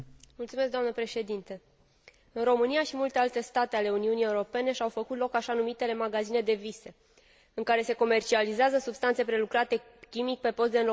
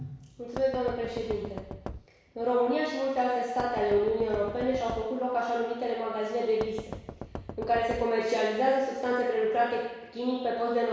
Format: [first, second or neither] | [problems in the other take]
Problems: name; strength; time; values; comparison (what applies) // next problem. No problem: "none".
first | background sound (Knock); 12 dB below the speech // room echo; dies away in 1.1 s